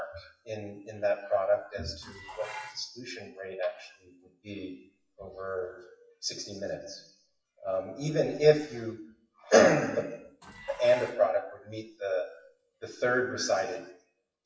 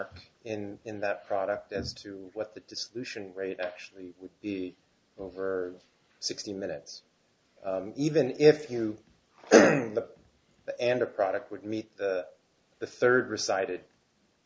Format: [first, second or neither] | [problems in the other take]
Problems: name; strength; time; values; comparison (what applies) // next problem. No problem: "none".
second | noise reduction (classical method WPE with log-MMSE)